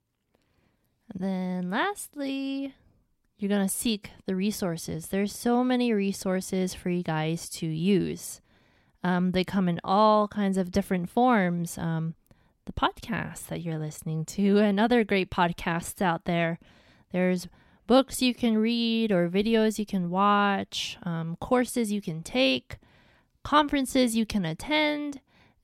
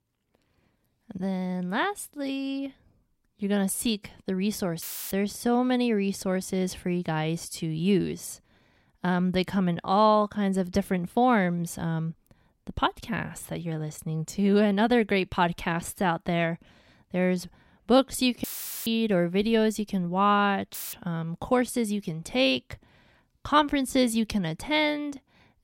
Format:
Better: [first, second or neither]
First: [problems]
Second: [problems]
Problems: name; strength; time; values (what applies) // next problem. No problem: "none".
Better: first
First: none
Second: audio cutting out; filled with static; at 5 s, at 18 s and at 21 s